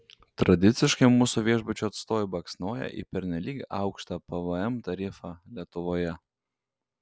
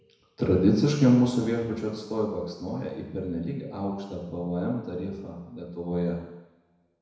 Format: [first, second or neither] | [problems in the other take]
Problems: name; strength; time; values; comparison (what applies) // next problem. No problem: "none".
first | room echo; dies away in 1 s